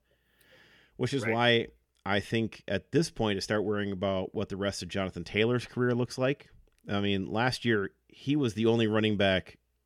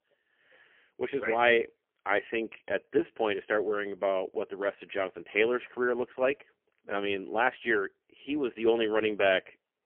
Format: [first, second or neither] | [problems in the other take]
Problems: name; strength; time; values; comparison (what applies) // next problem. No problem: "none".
first | phone-call audio; poor line; nothing above 3.5 kHz